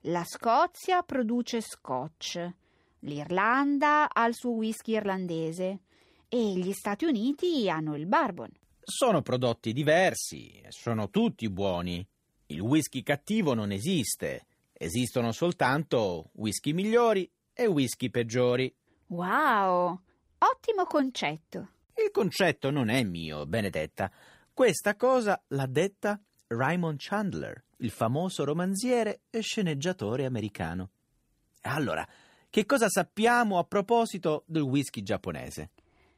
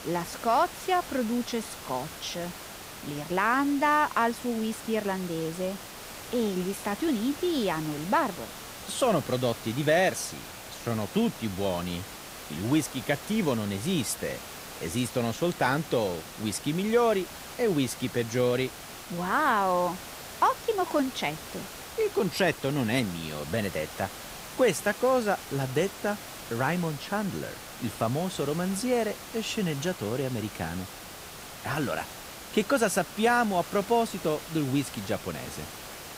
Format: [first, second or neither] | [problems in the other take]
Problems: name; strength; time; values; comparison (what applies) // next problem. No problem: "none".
first | hiss; noticeable; throughout; 10 dB below the speech